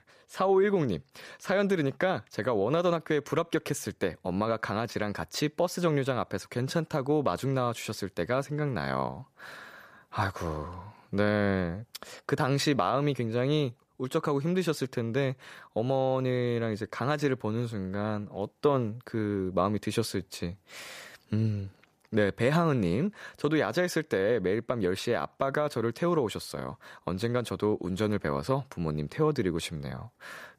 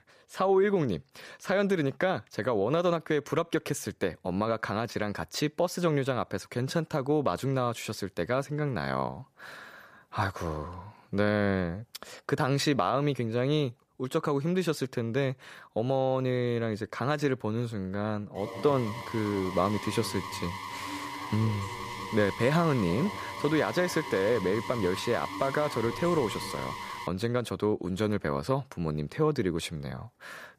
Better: first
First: none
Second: alarm; noticeable; from 18 to 27 s; peak 7 dB below the speech

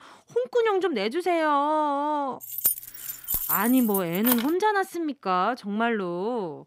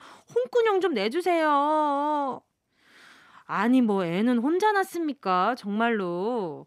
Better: second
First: jangling keys; loud; from 2.5 to 4.5 s; peak 1 dB above the speech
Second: none

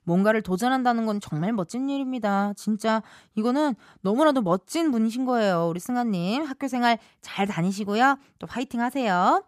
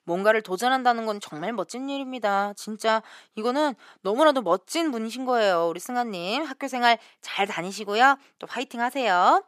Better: first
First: none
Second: thin; somewhat; fading below 400 Hz

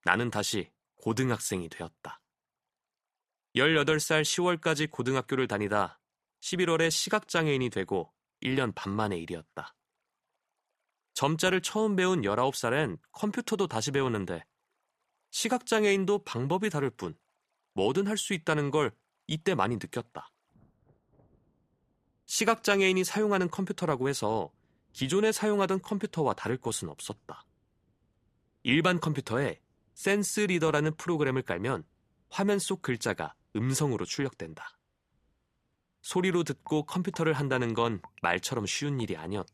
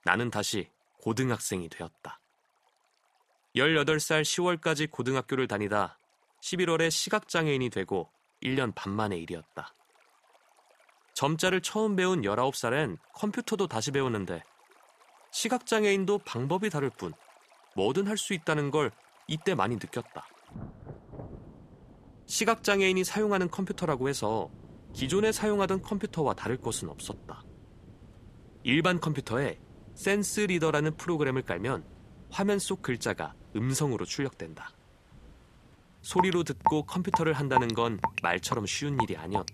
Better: first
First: rain or running water; faint; throughout; 30 dB below the speech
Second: rain or running water; loud; throughout; 8 dB below the speech

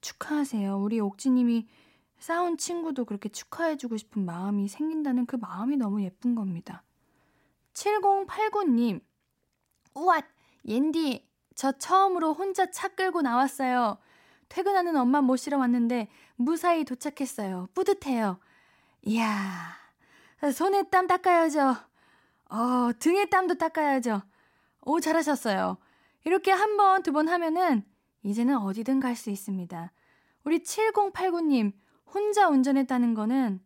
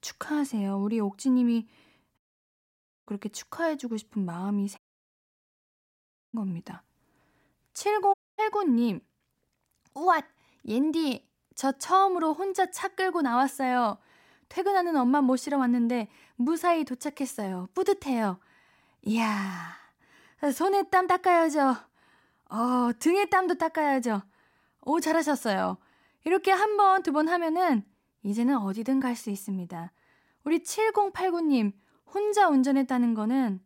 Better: first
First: none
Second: audio cutting out; at 2 s for 1 s, at 5 s for 1.5 s and at 8 s

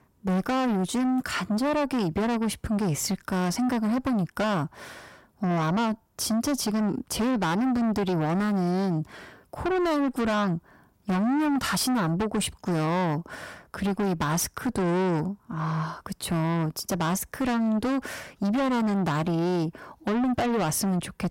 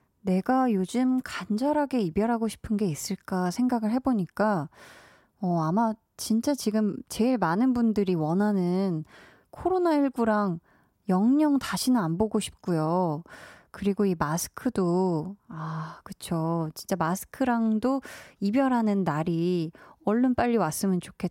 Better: second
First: distortion; heavy; 7 dB below the speech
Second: none

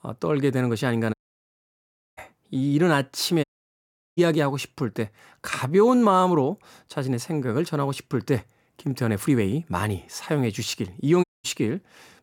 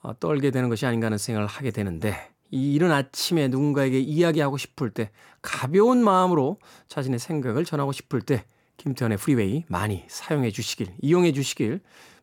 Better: second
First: audio cutting out; at 1 s for 1 s, at 3.5 s for 0.5 s and at 11 s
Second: none

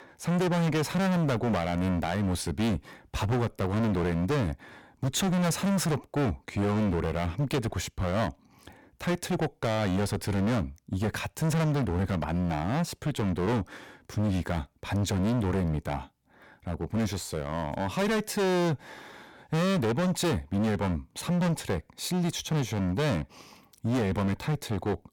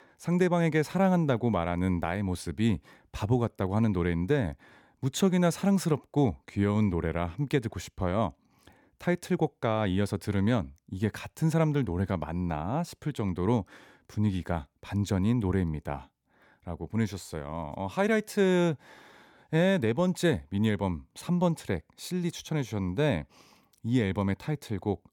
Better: second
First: distortion; heavy; 24% of the sound clipped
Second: none

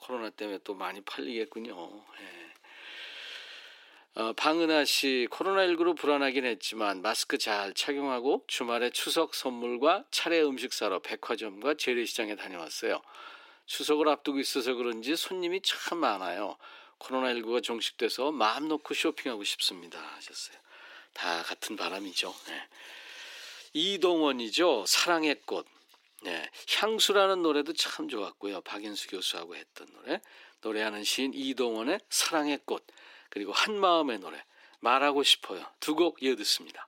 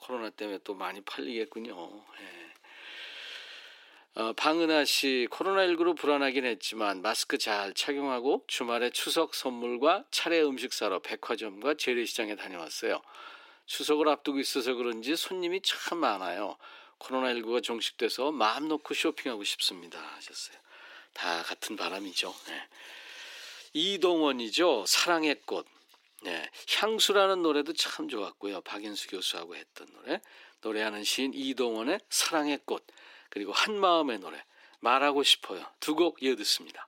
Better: neither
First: thin; somewhat; fading below 300 Hz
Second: thin; somewhat; fading below 300 Hz

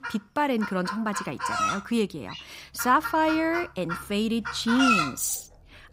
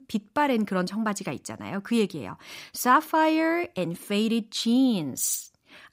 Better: second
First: animal sounds; loud; throughout; 3 dB below the speech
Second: none

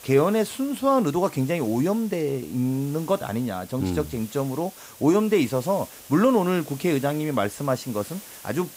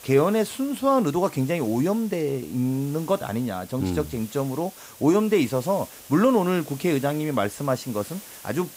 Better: neither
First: hiss; noticeable; throughout; 20 dB below the speech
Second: hiss; noticeable; throughout; 20 dB below the speech

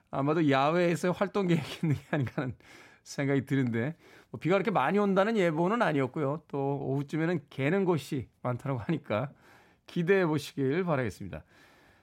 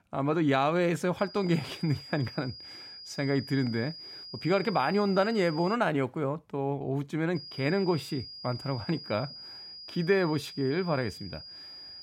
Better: first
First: none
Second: high-pitched whine; noticeable; from 1 to 6 s and from 7.5 s on; 5 kHz, 15 dB below the speech

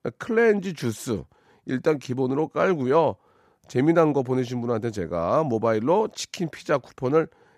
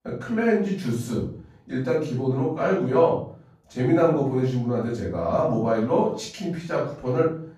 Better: first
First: none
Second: off-mic speech; far // room echo; noticeable; dies away in 0.5 s

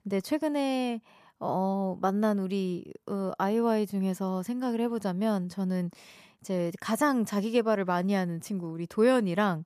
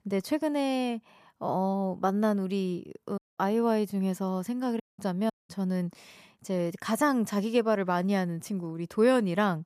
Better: first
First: none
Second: audio cutting out; at 3 s, at 5 s and at 5.5 s

